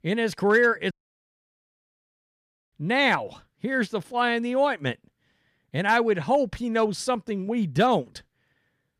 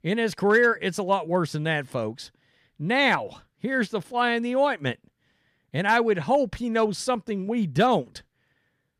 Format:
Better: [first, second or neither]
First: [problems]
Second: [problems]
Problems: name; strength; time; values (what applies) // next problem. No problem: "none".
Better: second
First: audio cutting out; at 1 s for 2 s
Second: none